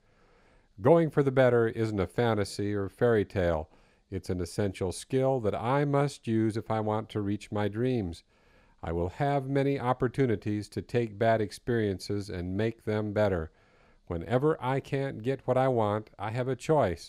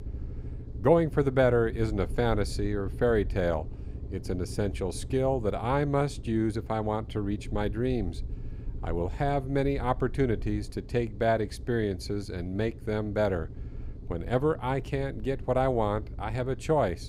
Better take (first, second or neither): first